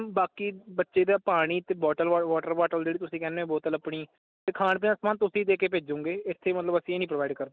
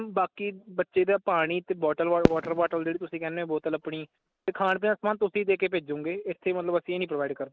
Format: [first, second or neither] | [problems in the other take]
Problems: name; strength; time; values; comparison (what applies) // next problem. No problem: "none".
first | noise reduction (neural mask model RNNoise)